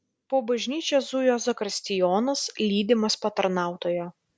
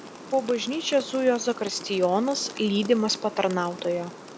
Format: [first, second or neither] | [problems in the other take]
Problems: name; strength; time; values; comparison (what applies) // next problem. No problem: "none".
first | background sound (Rain); 15 dB below the speech